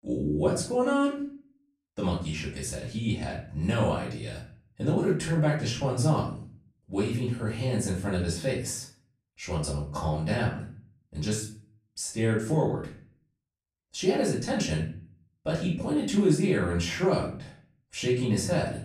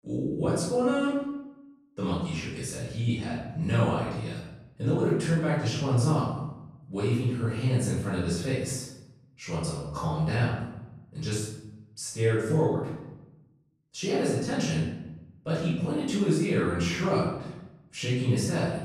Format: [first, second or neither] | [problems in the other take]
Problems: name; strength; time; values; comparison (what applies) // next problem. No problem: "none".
first | room echo; strong; dies away in 0.8 s; slight in the first // off-mic speech; far; far in the first